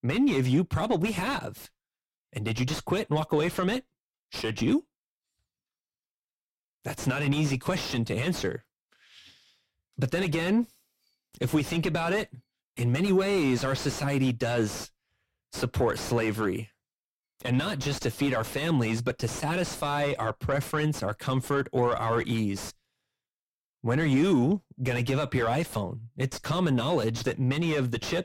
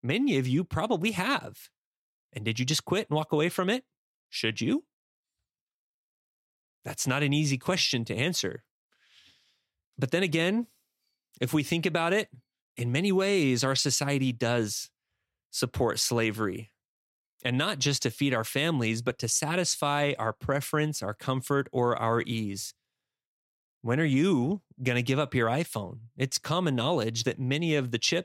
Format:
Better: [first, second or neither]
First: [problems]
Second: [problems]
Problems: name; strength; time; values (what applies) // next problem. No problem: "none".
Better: second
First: distortion; heavy; 6 dB below the speech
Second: none